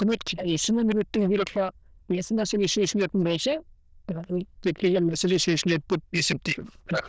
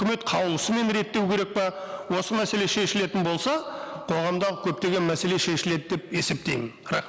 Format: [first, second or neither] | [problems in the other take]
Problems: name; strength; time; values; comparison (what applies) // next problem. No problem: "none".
second | noise reduction (neural diffusion model UNIVERSE++)